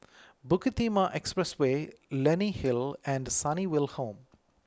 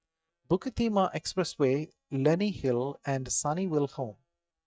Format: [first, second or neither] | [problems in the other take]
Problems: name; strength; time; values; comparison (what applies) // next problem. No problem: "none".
first | noise reduction (neural mask model DeepFilterNet 3)